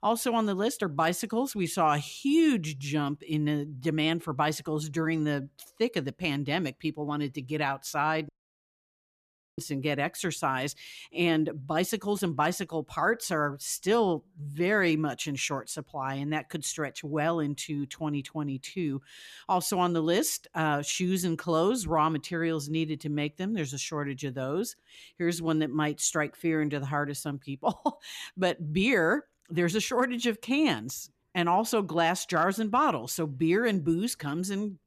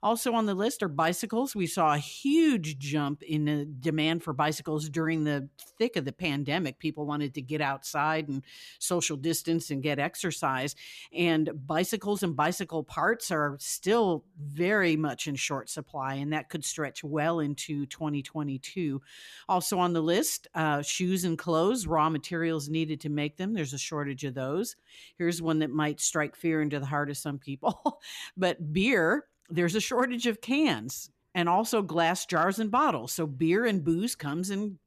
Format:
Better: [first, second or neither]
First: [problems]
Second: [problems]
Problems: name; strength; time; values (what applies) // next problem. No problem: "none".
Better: second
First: audio cutting out; at 8.5 s for 1.5 s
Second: none